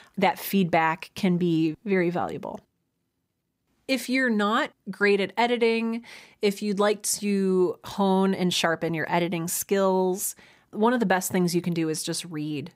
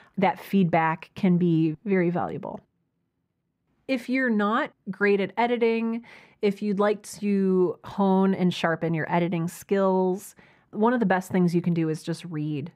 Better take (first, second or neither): first